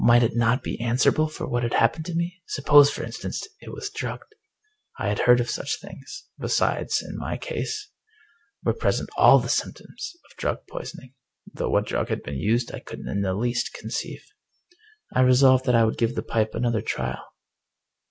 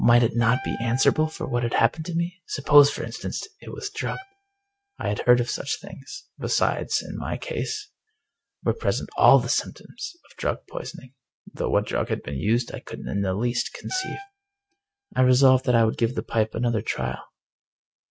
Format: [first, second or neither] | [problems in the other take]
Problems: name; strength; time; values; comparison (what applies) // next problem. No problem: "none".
first | noise reduction (neural mask model RNNoise)